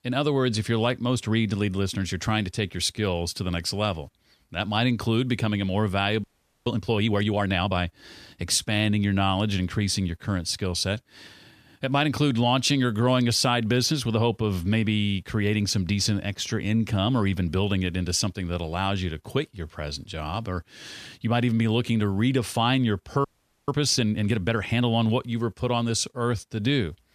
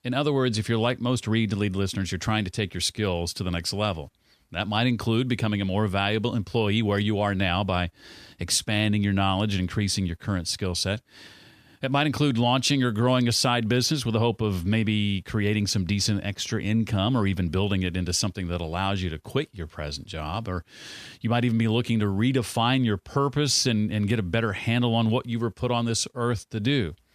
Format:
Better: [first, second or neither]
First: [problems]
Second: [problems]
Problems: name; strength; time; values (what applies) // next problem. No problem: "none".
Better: second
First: audio freezing; at 6 s and at 23 s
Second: none